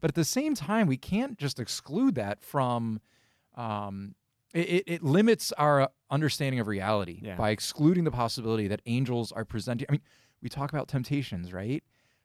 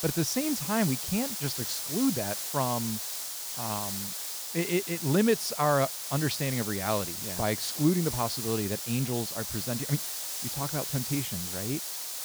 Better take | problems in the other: first | hiss; loud; throughout; 2 dB below the speech

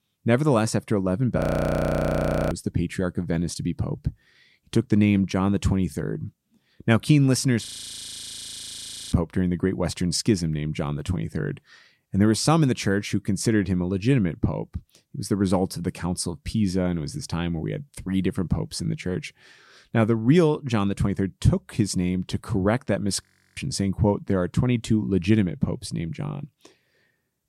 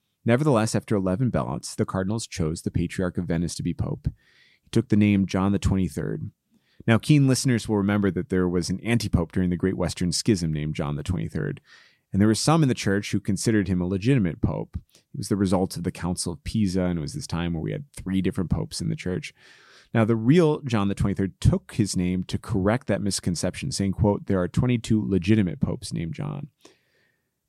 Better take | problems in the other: second | audio freezing; at 1.5 s for 1 s, at 7.5 s for 1.5 s and at 23 s

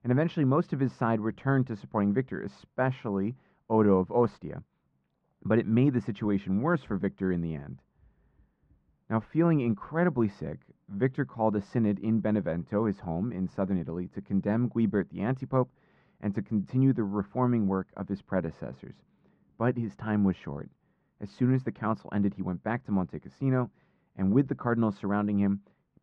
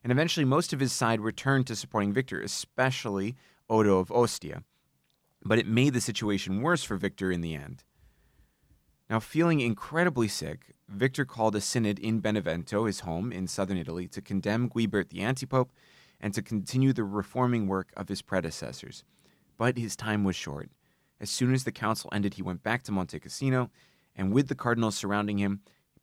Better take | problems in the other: second | muffled; very; fading above 1.5 kHz

